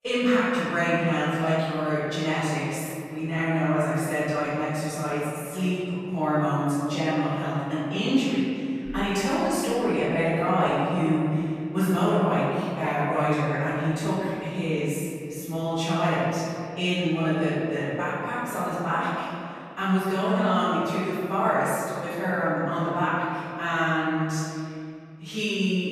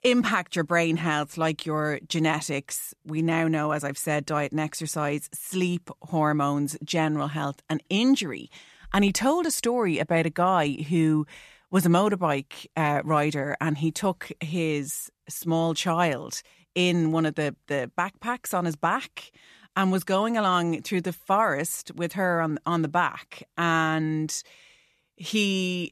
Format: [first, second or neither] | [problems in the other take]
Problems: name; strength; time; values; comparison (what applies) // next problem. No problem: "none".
second | off-mic speech; far // room echo; strong; dies away in 2.5 s